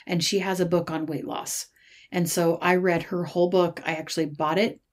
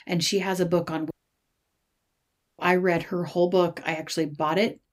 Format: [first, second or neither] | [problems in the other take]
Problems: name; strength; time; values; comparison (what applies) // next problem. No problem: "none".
first | audio cutting out; at 1 s for 1.5 s